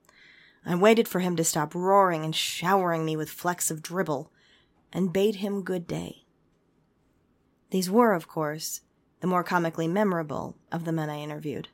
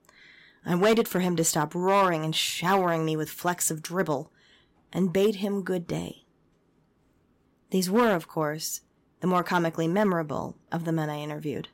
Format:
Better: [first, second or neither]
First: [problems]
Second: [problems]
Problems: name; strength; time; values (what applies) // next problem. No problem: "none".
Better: first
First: none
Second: distortion; slight; 2% of the sound clipped